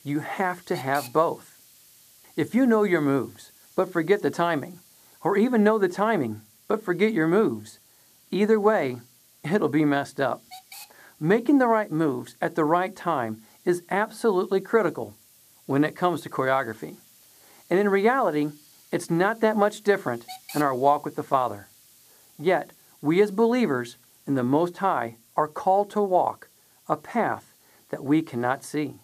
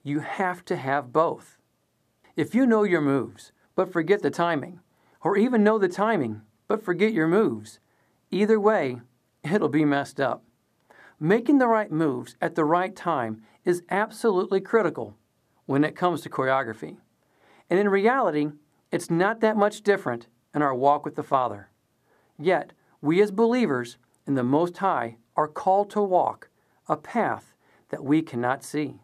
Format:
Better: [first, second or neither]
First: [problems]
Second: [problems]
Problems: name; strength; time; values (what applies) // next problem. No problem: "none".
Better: second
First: hiss; faint; throughout; 25 dB below the speech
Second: none